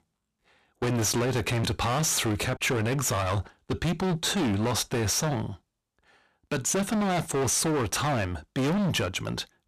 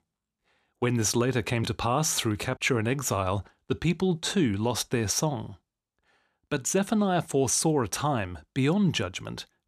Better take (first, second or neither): second